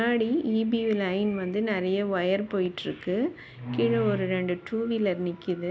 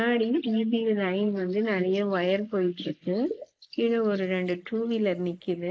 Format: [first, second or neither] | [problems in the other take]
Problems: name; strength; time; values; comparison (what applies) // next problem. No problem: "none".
first | noise reduction (neural mask model Resemble Enhance denoiser)